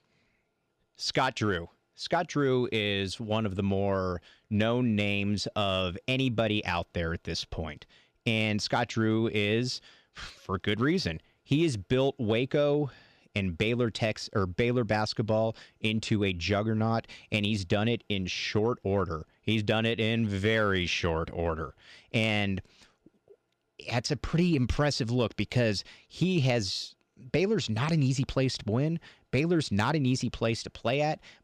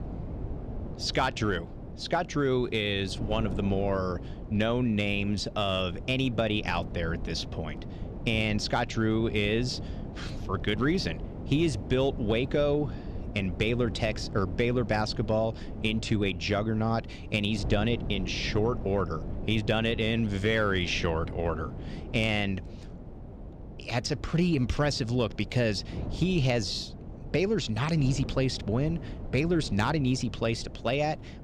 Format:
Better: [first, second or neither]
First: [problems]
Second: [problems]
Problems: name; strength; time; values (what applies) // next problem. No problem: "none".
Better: first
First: none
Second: wind noise on the microphone; occasional gusts; 15 dB below the speech